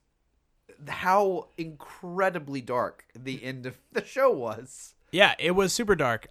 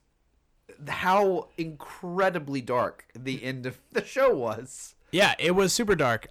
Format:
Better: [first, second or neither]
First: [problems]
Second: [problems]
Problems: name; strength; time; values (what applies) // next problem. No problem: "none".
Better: first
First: none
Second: distortion; slight; 10 dB below the speech